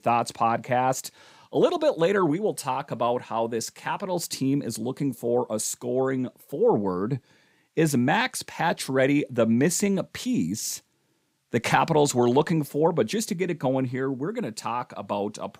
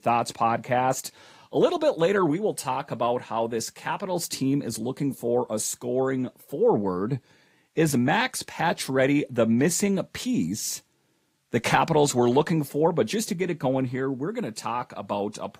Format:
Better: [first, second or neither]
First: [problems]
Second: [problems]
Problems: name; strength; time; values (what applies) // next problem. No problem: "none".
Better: first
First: none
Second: garbled, watery; slightly; nothing above 15.5 kHz